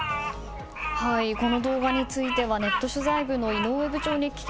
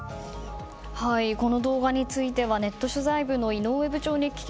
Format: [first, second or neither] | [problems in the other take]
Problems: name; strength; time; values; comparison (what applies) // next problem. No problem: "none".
second | background sound (Bird vocalization, bird call, bird song); 5 dB below the speech